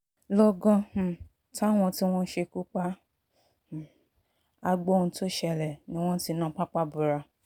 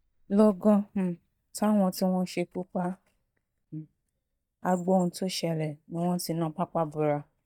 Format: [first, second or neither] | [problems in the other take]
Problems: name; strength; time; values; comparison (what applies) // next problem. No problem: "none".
first | noise reduction (neural mask model DeepFilterNet 3)